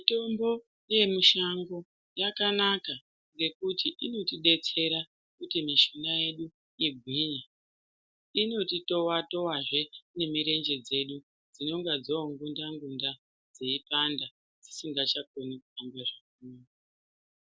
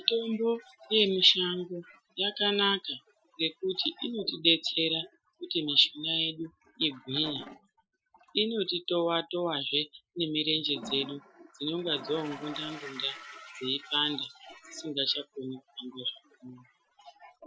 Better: first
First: none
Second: noise reduction (classical method Wiener filter)

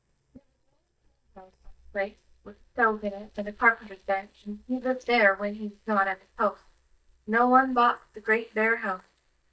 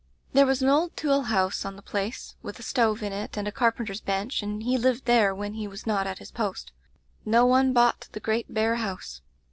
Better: second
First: noise reduction (neural mask model DeepFilterNet 3)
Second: none

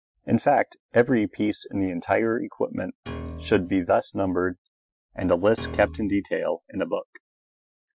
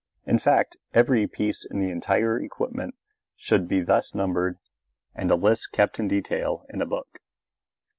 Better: second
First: noise reduction (classical method Wiener filter)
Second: none

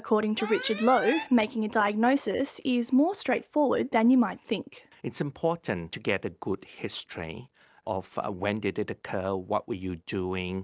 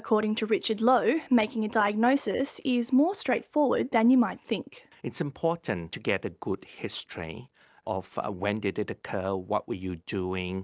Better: second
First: background sound (Alarm); 11 dB below the speech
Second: none

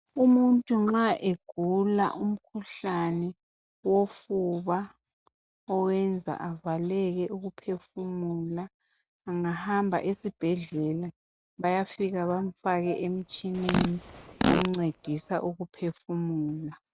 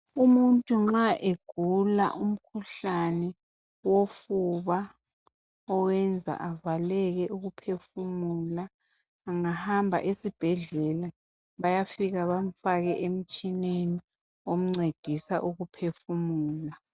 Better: second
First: background sound (Fart); 3 dB below the speech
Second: none

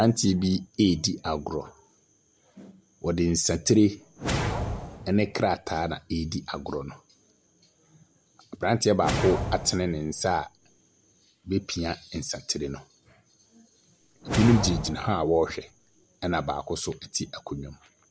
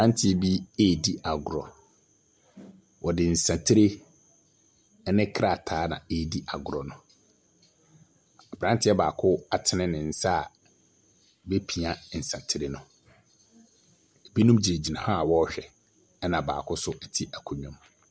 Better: second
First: background sound (Whoosh, swoosh, swish); 5 dB below the speech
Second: none

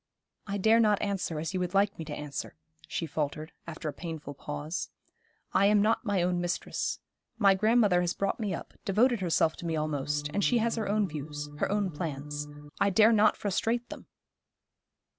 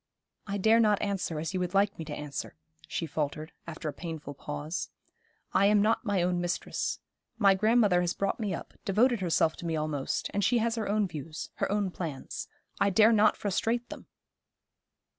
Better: second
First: background sound (Organ); 12 dB below the speech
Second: none

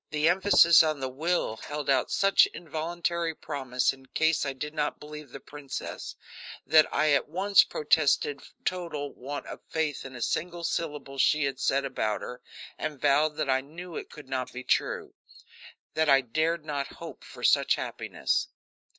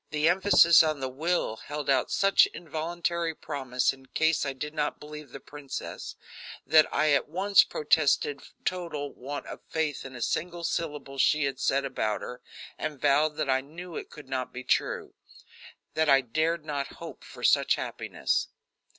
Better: second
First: noise reduction (neural mask model Resemble Enhance denoiser)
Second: none

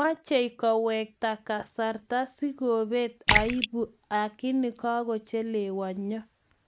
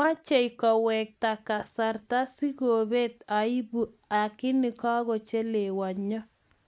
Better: second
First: background sound (Splash, splatter); 2 dB below the speech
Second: none

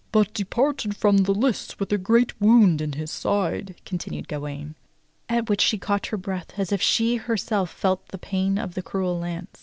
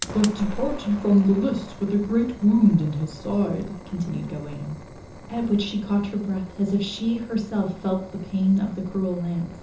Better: first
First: none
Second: background sound (Fire); 14 dB below the speech // room echo; dies away in 0.6 s

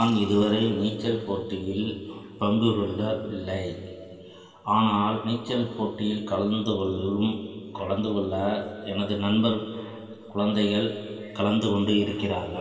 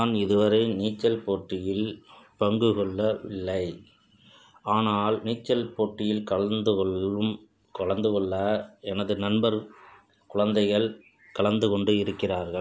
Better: second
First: room echo; dies away in 2.4 s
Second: none

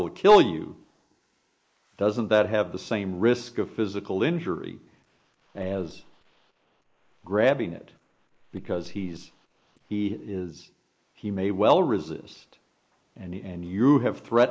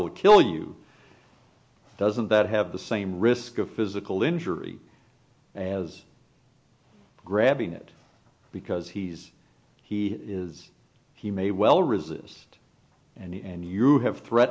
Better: second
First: noise reduction (neural mask model Resemble Enhance denoiser)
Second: none

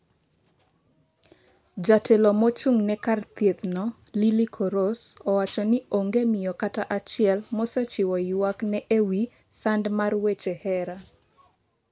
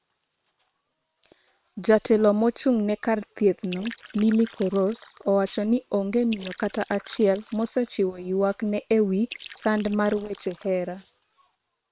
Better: first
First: none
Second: noise reduction (neural separator model SepFormer WHAM!)

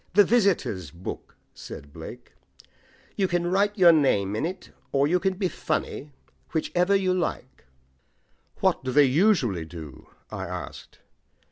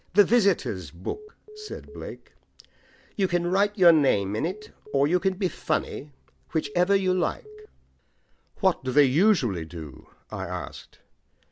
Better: first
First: none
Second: background sound (Telephone); 19 dB below the speech

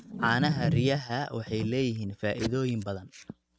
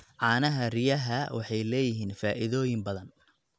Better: second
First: noise reduction (neural mask model RNNoise)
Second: none

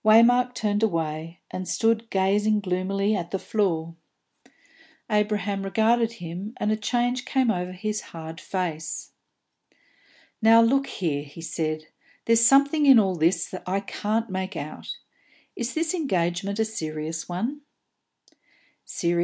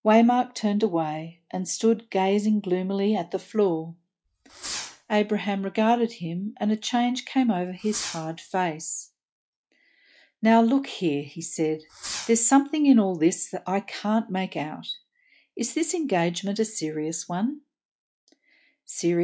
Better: first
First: none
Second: noise reduction (classical method log-MMSE)

